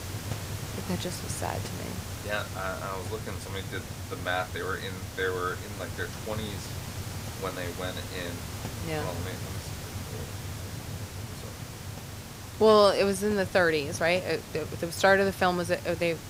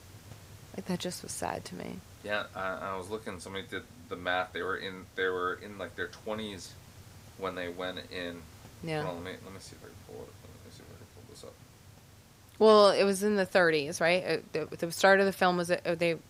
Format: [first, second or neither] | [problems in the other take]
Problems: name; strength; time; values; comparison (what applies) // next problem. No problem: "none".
second | hiss; loud; throughout; 9 dB below the speech; faint in the second